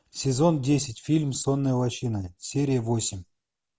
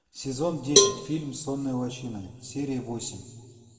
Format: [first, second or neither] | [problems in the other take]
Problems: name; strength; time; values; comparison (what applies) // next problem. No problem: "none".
first | background sound (Cowbell); 4 dB above the speech // room echo; dies away in 1.8 s